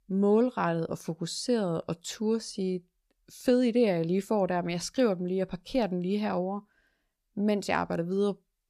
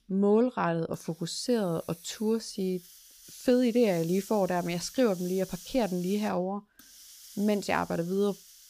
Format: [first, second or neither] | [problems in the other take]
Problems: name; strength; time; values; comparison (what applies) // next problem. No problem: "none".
first | hiss; noticeable; throughout; 20 dB below the speech